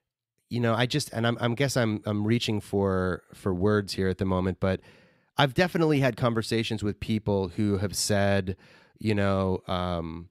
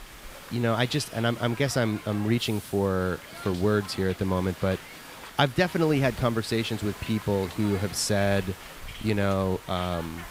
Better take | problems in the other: first | hiss; noticeable; throughout; 15 dB below the speech

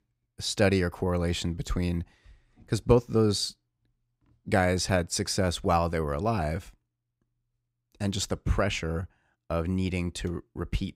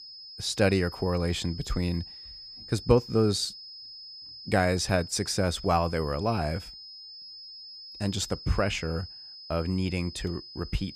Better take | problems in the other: first | high-pitched whine; noticeable; throughout; 5 kHz, 15 dB below the speech

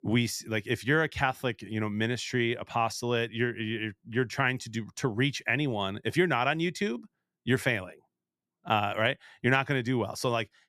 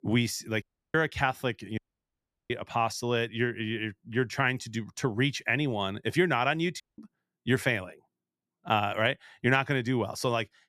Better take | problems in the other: first | audio cutting out; at 0.5 s, at 2 s for 0.5 s and at 7 s

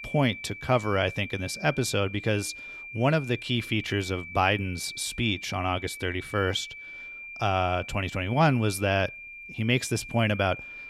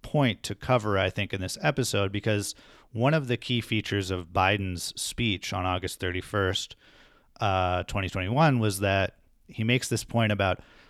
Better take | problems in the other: second | high-pitched whine; noticeable; throughout; 2.5 kHz, 10 dB below the speech

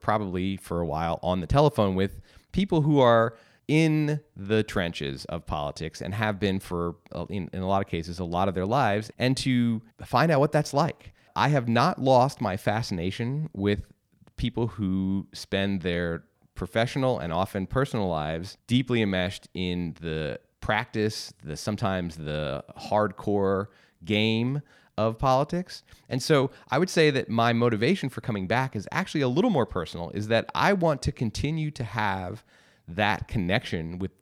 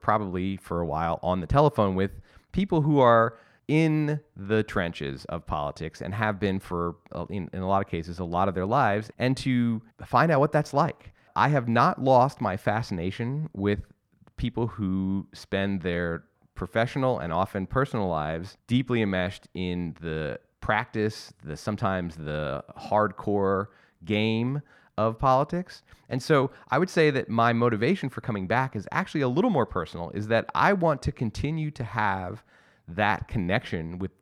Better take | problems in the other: first | muffled; very slightly; fading above 2.5 kHz

